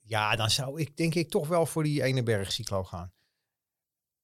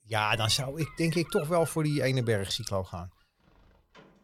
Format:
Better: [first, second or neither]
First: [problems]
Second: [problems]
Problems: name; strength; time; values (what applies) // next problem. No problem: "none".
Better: first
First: none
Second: animal sounds; noticeable; throughout; 20 dB below the speech